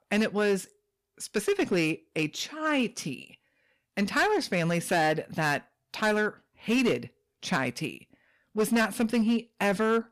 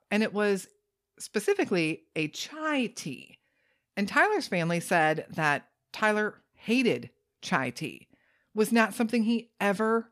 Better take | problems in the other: second | distortion; slight; 6% of the sound clipped

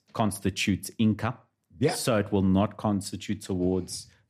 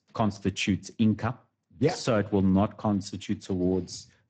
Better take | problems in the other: first | garbled, watery; badly; nothing above 8 kHz

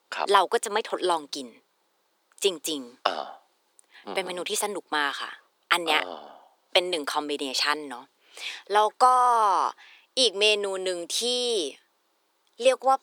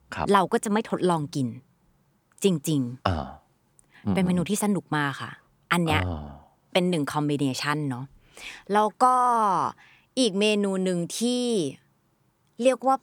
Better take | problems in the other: second | thin; very; fading below 400 Hz

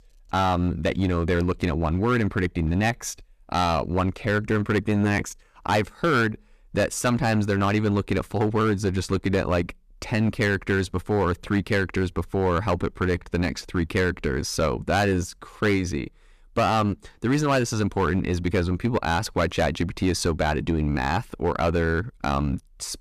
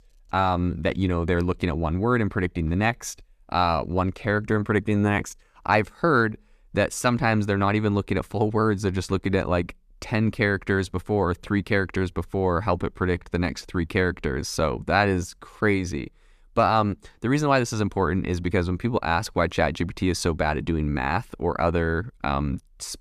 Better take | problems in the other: second | distortion; slight; 6% of the sound clipped

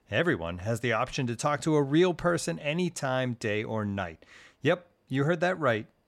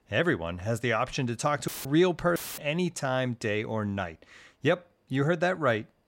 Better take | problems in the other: first | audio cutting out; filled with static; at 1.5 s and at 2.5 s

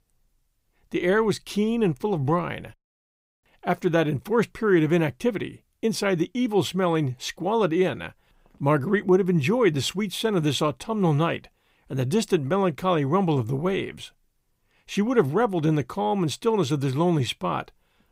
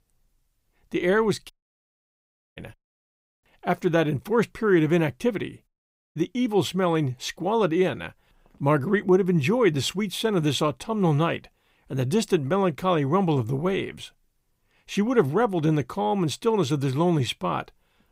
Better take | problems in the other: first | audio cutting out; at 1.5 s for 1 s and at 5.5 s

